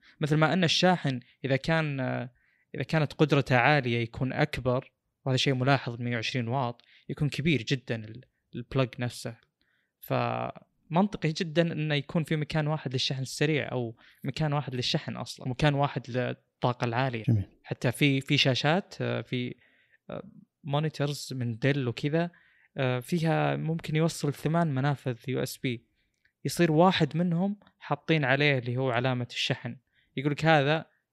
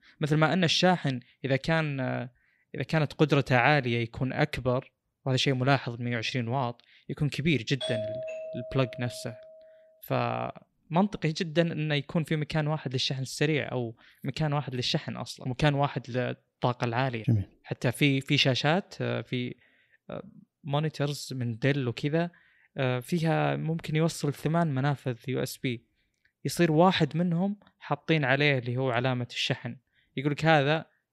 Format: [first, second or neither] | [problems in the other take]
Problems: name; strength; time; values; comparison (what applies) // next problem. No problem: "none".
first | doorbell; noticeable; from 8 to 9.5 s; peak 5 dB below the speech